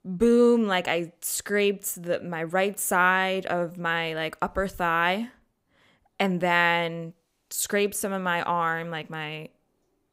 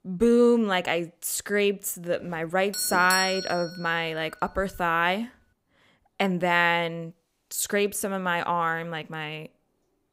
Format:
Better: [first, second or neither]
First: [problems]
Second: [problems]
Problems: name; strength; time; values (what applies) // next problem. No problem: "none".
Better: first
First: none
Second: doorbell; noticeable; from 2.5 to 4 s; peak 2 dB below the speech